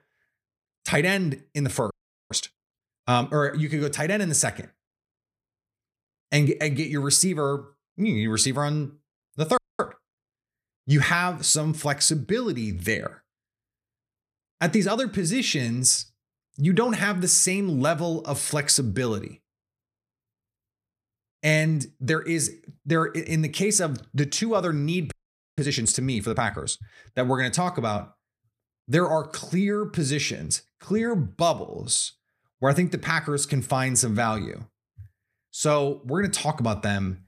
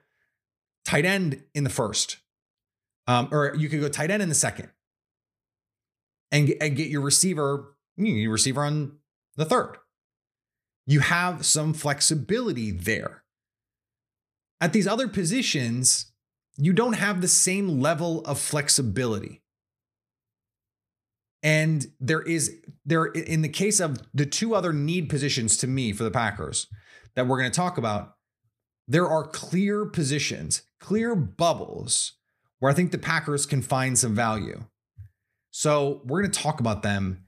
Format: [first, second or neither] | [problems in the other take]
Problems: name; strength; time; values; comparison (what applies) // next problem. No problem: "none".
second | audio freezing; at 2 s, at 9.5 s and at 25 s